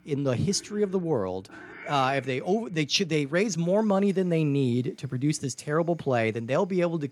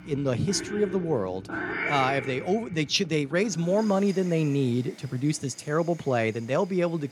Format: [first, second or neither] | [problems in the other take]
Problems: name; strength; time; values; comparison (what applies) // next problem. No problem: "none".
first | animal sounds; loud; throughout; 9 dB below the speech; faint in the first